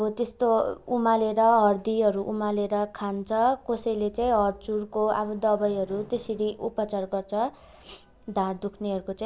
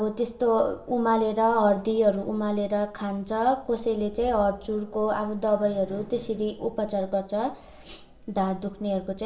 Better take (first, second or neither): first